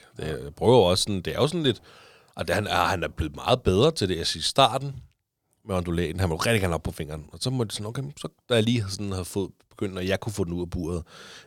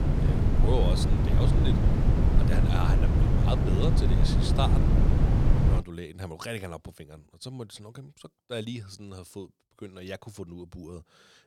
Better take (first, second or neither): first